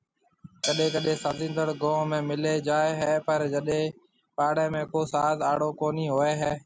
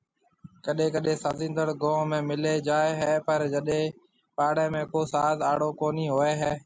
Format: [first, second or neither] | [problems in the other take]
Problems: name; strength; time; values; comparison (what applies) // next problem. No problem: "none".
second | background sound (Hi-hat); 13 dB below the speech